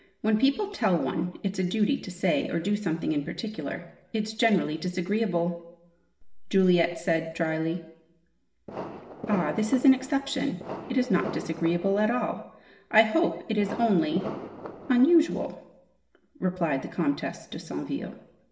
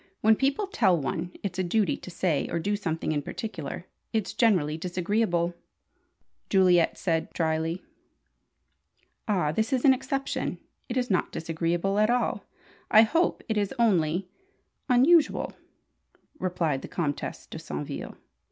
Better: second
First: background sound (Fireworks); 11 dB below the speech // room echo; dies away in 0.8 s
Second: none

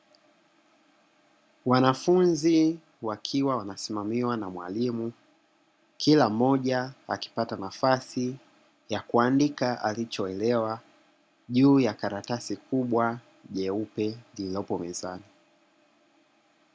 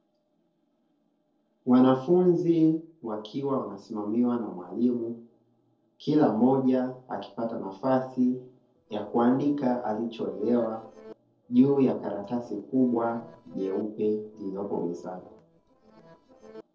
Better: first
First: none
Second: noise reduction (neural separator model SepFormer DNS4)

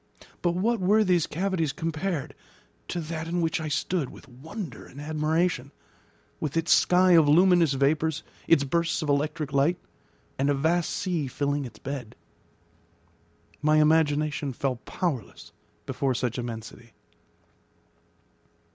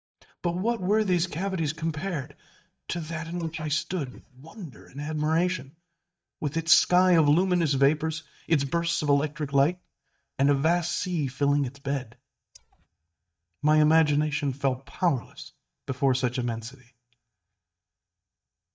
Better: first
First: none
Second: noise reduction (neural mask model DeepFilterNet 3)

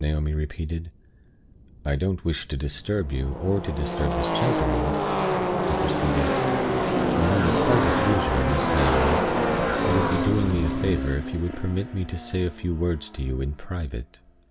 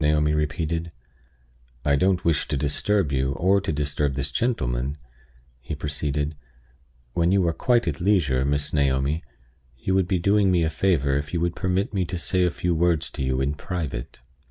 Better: second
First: background sound (Car passing by / Race car, auto racing); 1 dB above the speech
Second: none

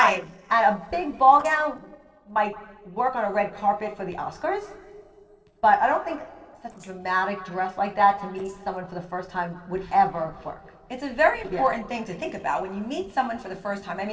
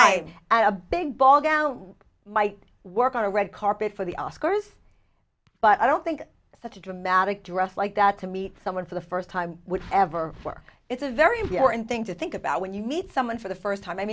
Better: second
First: noise reduction (neural separator model SepFormer DNS4)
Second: none

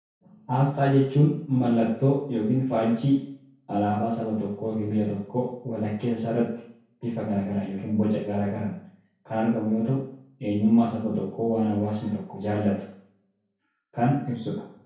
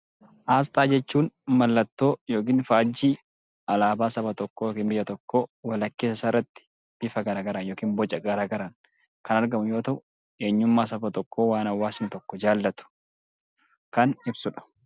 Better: second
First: room echo; dies away in 0.6 s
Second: none

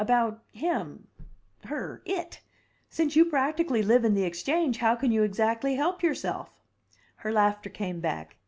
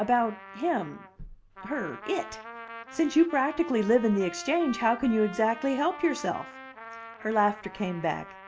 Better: first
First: none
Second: background sound (Trumpet); 15 dB below the speech

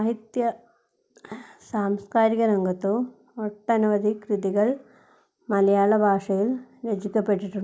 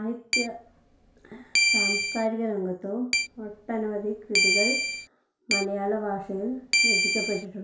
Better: first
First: none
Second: background sound (Keyboard (musical)); 4 dB above the speech // room echo; dies away in 0.5 s

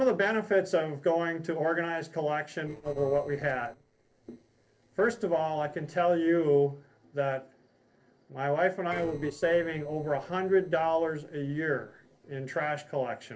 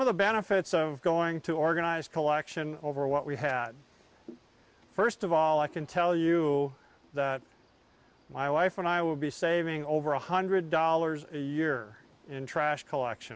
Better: second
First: noise reduction (neural separator model SepFormer DNS4)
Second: none

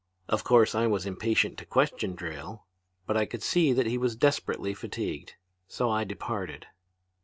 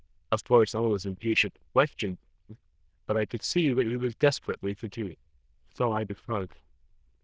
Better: first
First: none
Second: noise reduction (neural diffusion model UNIVERSE++)

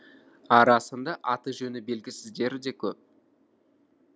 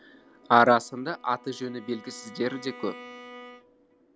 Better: first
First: none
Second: background sound (Bowed string instrument); 20 dB below the speech

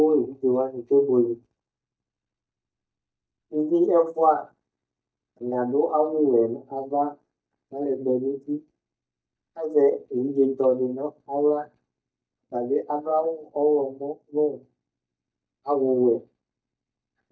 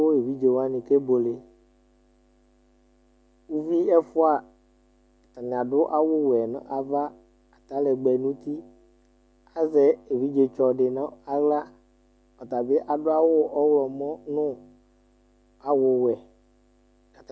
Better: second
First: noise reduction (neural mask model DeepFilterNet 3)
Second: none

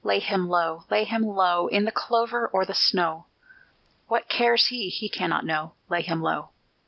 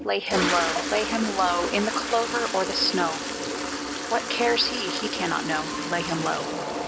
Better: first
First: none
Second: background sound (Toilet flush); 2 dB below the speech

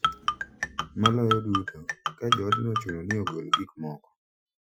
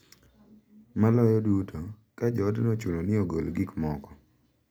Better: second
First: noise reduction (classical method Wiener filter)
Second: none

